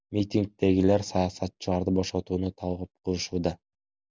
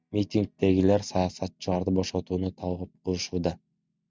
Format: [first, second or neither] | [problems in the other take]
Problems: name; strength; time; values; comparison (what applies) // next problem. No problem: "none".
first | noise reduction (neural mask model RNNoise)